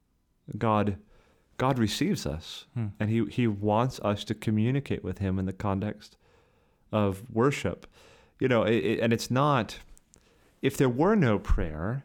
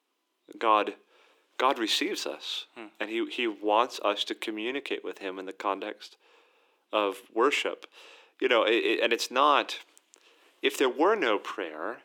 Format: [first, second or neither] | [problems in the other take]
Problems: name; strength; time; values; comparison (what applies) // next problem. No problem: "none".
first | thin; very; fading below 300 Hz